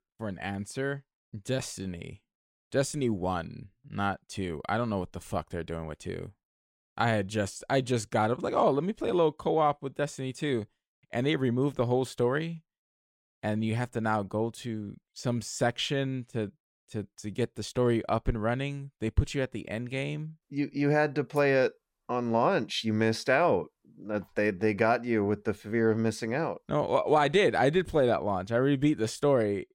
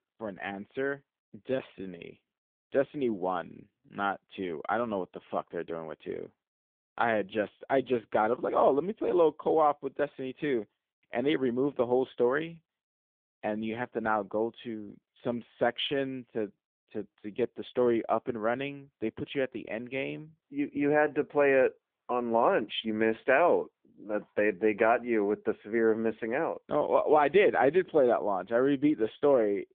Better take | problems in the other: first | phone-call audio; nothing above 3.5 kHz

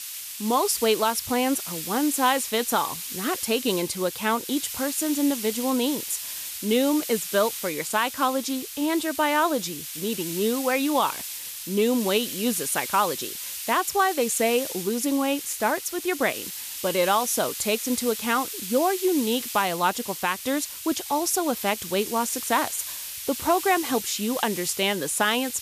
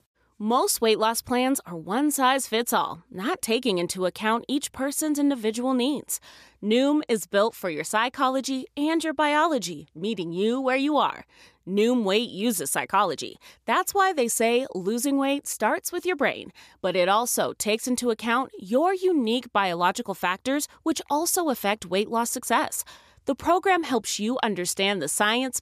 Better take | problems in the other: second | hiss; loud; throughout; 7 dB below the speech

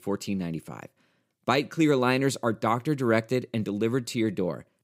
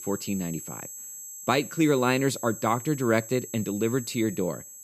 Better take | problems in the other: first | high-pitched whine; noticeable; throughout; 7.5 kHz, 10 dB below the speech

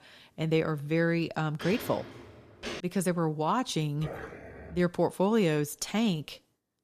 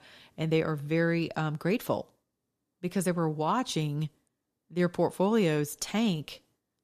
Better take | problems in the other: second | footsteps; noticeable; from 1.5 to 3 s; peak 10 dB below the speech // dog barking; faint; at 4 s; peak 10 dB below the speech

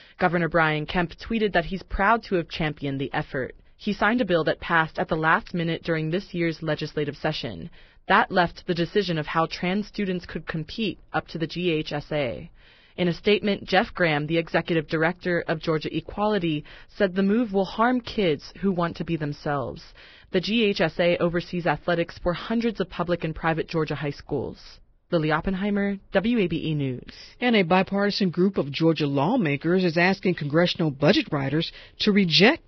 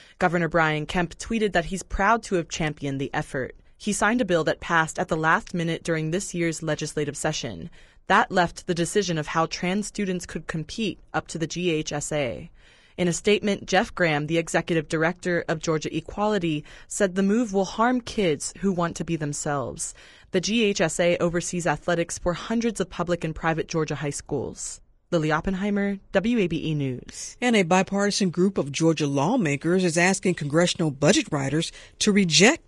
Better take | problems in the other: second | garbled, watery; badly; nothing above 5.5 kHz; slightly in the second

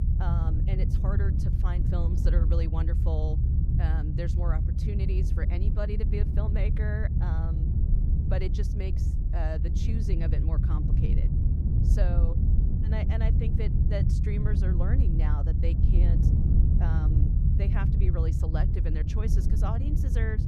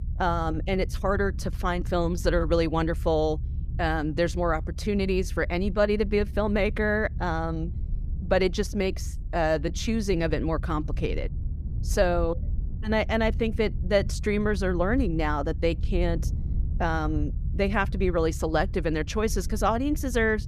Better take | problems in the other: second | low rumble; loud; throughout; 1 dB below the speech; faint in the second

